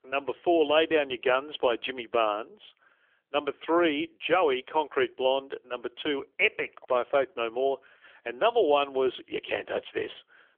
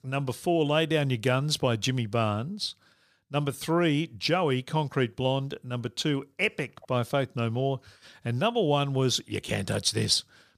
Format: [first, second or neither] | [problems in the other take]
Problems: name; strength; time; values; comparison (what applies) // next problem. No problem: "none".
second | phone-call audio; poor line; nothing above 3.5 kHz